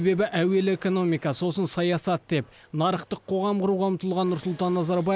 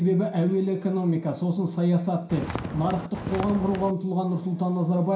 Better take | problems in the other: first | background sound (Walk, footsteps); 8 dB below the speech // room echo; dies away in 0.5 s

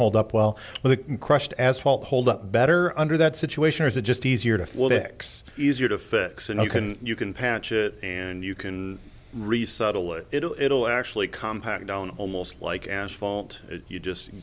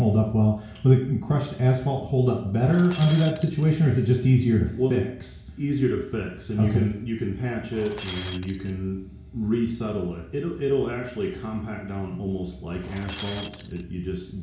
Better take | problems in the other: first | background sound (Shatter); 16 dB below the speech // room echo; dies away in 0.6 s

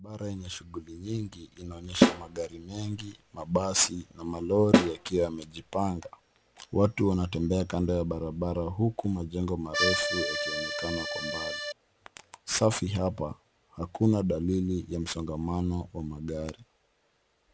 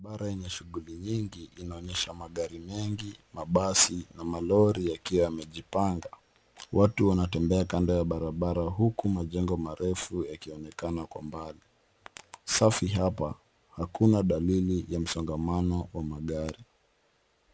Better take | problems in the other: second | background sound (Snare drum + Accordion); 2 dB above the speech

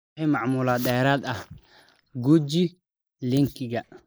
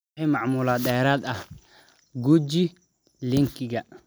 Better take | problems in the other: second | noise reduction (neural mask model Resemble Enhance denoiser)

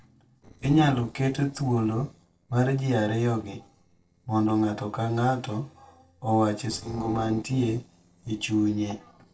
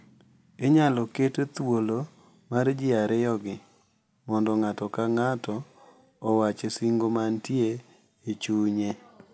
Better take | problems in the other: second | noise reduction (neural separator model SepFormer DNS4)

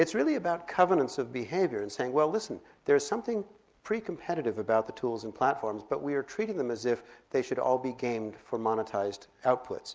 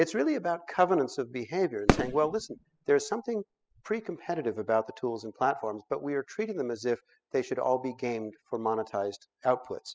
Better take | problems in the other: first | noise reduction (classical method spectral subtraction)

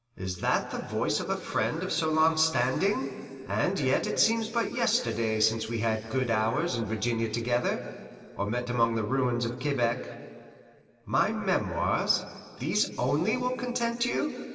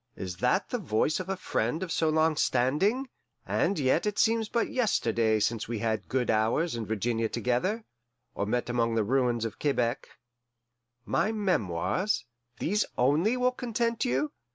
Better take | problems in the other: second | room echo; dies away in 2.6 s

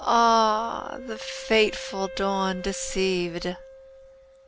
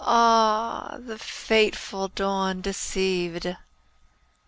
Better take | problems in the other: second | background sound (Wind instrument, woodwind instrument); 16 dB below the speech

